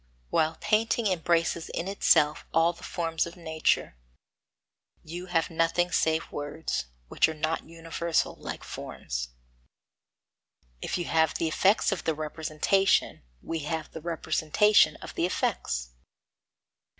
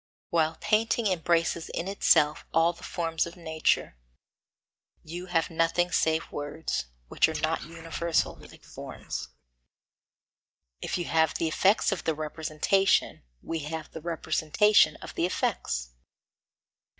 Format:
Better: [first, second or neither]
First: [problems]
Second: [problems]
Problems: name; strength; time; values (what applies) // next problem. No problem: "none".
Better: first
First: none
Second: noise reduction (neural mask model DeepFilterNet 3)